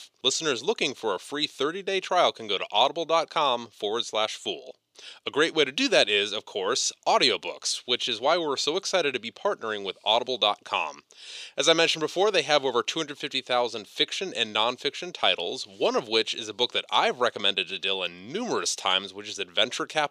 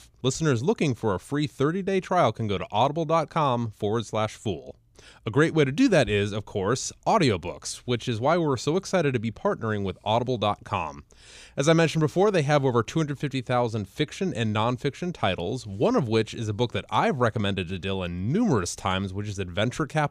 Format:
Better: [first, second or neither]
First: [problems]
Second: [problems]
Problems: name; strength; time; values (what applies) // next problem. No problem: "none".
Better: second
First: thin; somewhat; fading below 450 Hz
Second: none